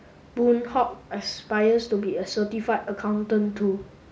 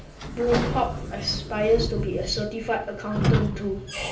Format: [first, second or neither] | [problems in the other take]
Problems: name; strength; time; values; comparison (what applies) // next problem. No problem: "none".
first | background sound (Squeak / Sliding door); 1 dB below the speech // room echo; dies away in 0.3 s